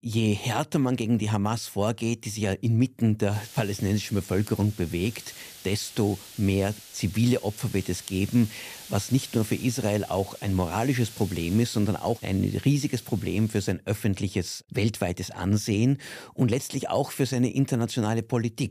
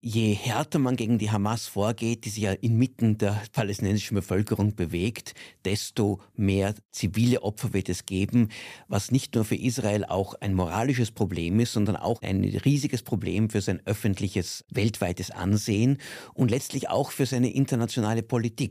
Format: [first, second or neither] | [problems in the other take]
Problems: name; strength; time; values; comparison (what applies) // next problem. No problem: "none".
second | hiss; noticeable; from 3.5 to 14 s; 15 dB below the speech